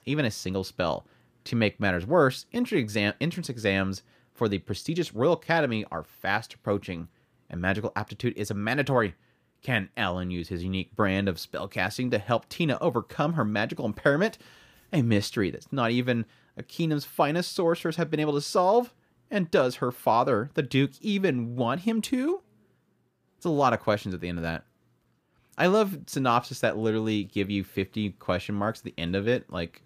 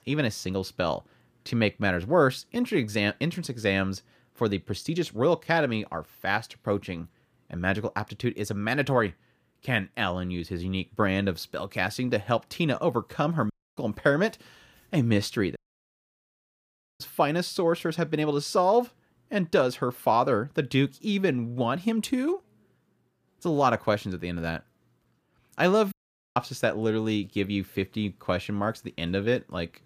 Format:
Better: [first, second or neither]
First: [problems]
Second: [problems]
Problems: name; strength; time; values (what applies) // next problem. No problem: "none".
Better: first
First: none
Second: audio cutting out; at 14 s, at 16 s for 1.5 s and at 26 s